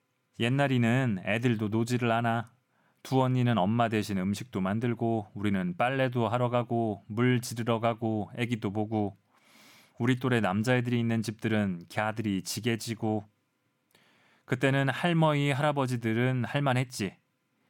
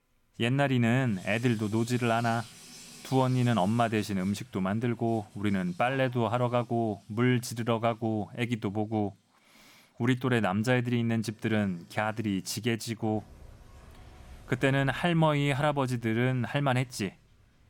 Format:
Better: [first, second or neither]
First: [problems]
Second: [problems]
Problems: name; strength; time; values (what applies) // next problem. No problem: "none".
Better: first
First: none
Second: household noises; faint; throughout; 25 dB below the speech